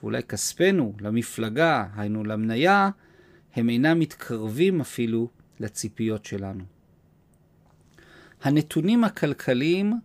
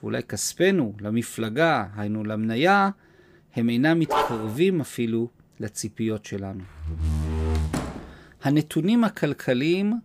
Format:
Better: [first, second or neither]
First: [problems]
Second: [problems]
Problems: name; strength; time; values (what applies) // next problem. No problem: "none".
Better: first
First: none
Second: dog barking; noticeable; at 4 s; peak level with the speech // door banging; noticeable; from 7 to 8 s; peak 2 dB below the speech